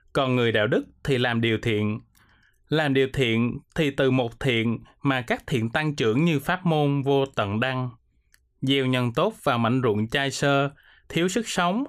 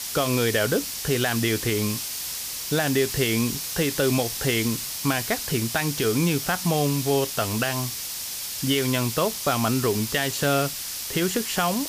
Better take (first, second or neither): first